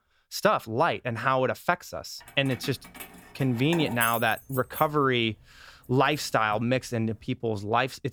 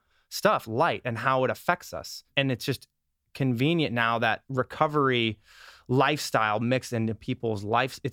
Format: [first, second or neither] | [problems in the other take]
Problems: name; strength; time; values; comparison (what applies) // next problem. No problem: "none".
second | jangling keys; noticeable; from 2.5 to 6.5 s; peak 4 dB below the speech